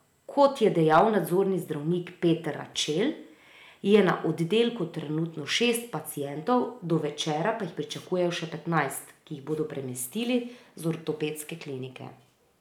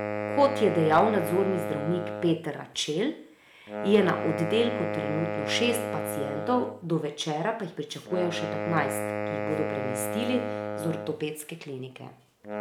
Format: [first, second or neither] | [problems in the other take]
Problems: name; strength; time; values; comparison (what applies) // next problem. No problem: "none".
first | background sound (Wind instrument, woodwind instrument); 5 dB below the speech